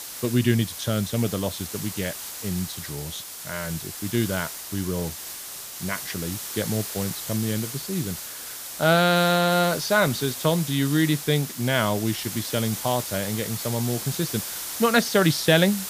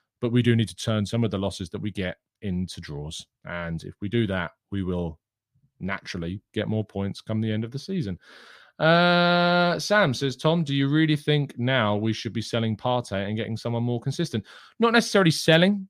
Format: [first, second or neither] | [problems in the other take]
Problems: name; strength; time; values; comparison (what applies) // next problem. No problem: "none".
second | hiss; loud; throughout; 7 dB below the speech